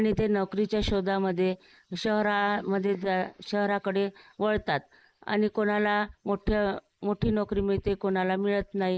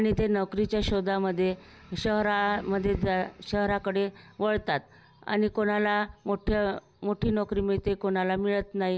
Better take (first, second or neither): second